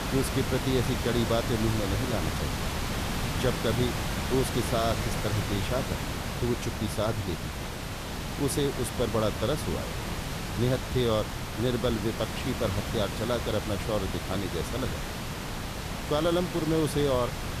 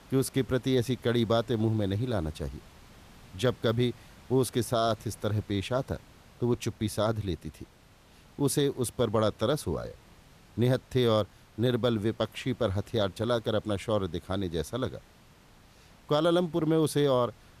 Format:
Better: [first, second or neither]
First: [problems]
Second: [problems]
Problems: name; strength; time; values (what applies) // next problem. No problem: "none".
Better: second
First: hiss; loud; throughout; 3 dB below the speech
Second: hiss; faint; throughout; 25 dB below the speech